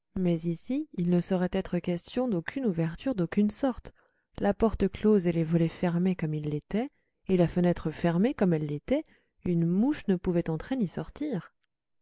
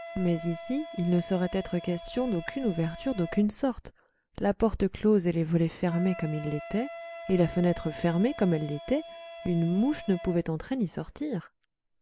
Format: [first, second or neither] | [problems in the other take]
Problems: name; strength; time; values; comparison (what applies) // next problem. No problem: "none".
first | background sound (Water / Splash, splatter + Wind instrument, woodwind instrument); 15 dB below the speech